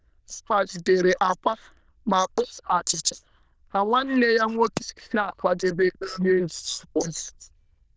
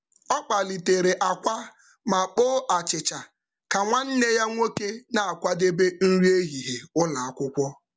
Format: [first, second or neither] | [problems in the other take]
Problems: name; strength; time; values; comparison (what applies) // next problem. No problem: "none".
second | noise reduction (neural diffusion model UNIVERSE++)